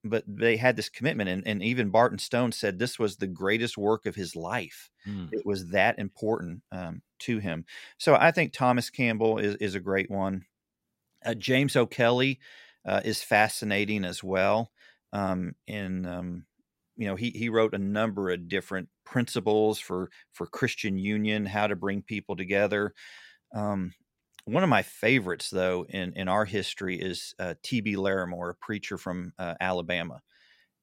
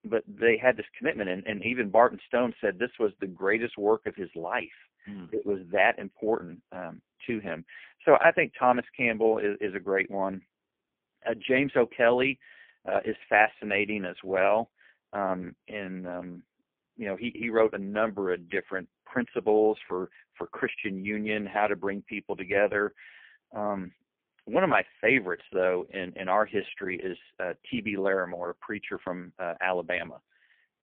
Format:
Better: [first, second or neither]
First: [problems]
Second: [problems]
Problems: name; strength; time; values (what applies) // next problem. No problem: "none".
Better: first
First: none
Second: phone-call audio; poor line